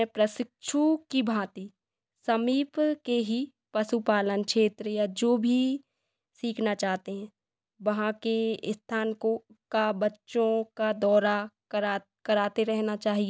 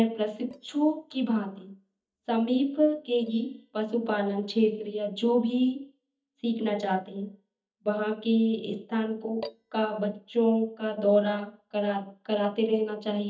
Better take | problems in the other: first | noise reduction (neural mask model DeepFilterNet 3)

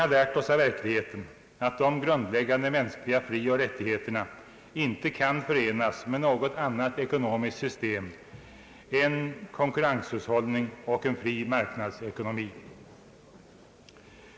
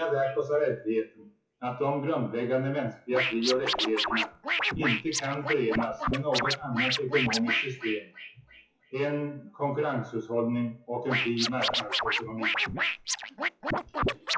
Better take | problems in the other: first | noise reduction (classical method WPE with log-MMSE)

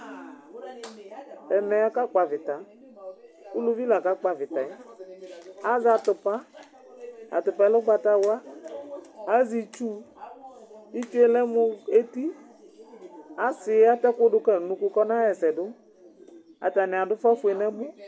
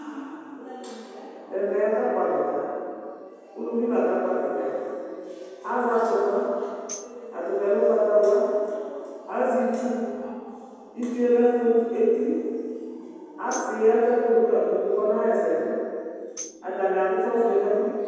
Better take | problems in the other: first | background sound (Tambourine); 20 dB below the speech // room echo; dies away in 2.1 s

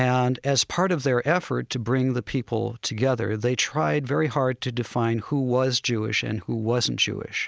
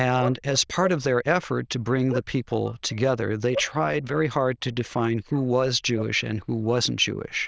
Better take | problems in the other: first | noise reduction (neural diffusion model UNIVERSE++)

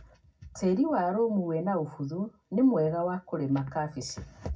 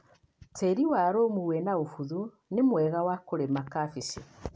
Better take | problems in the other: second | room echo; dies away in 0.4 s

